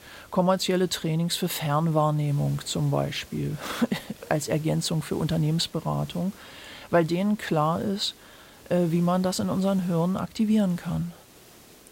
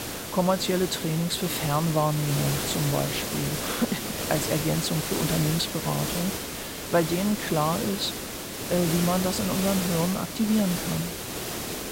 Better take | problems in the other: first | hiss; loud; throughout; 3 dB below the speech; faint in the first

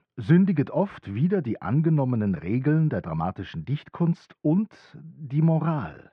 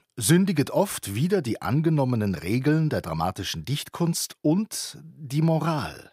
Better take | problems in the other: second | muffled; very; fading above 2 kHz

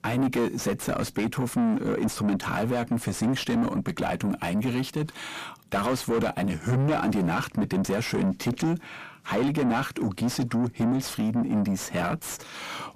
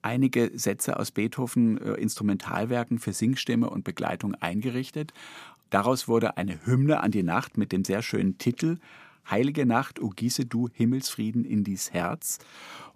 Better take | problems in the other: second | distortion; heavy; 6 dB below the speech

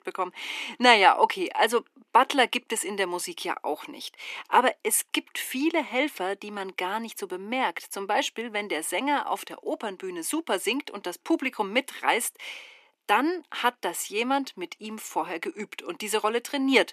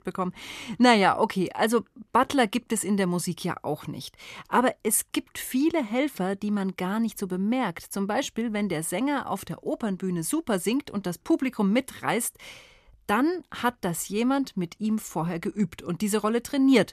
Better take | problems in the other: second | thin; somewhat; fading below 300 Hz

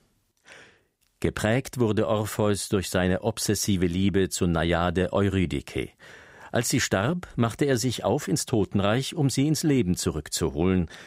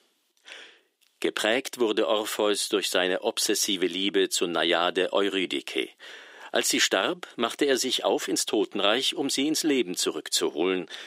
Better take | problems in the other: first | thin; somewhat; fading below 300 Hz

